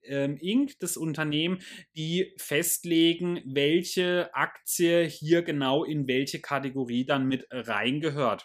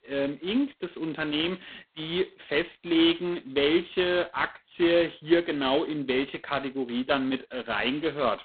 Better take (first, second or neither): first